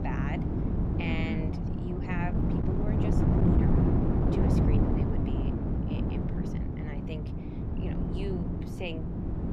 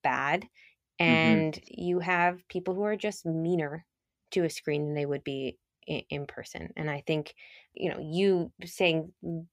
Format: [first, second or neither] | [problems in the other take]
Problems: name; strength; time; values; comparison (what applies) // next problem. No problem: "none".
second | wind noise on the microphone; heavy; 5 dB above the speech